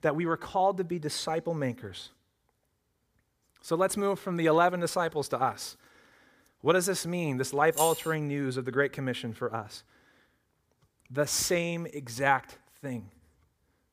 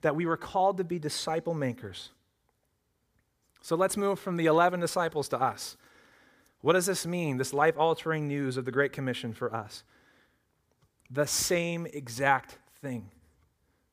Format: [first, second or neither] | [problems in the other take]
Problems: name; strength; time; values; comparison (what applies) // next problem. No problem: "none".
second | jangling keys; noticeable; at 7.5 s; peak 3 dB below the speech